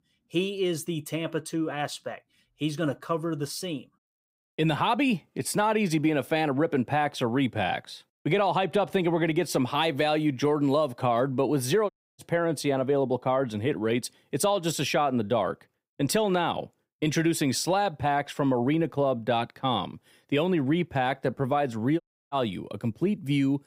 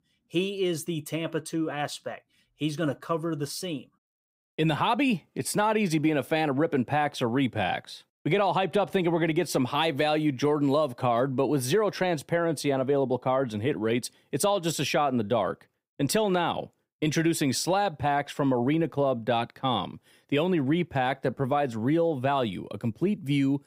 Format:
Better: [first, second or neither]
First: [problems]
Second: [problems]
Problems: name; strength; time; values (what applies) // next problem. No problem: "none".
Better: second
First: audio cutting out; at 12 s and at 22 s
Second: none